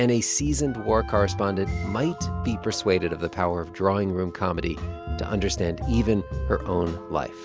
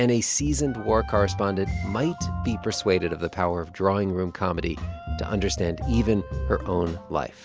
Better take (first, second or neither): second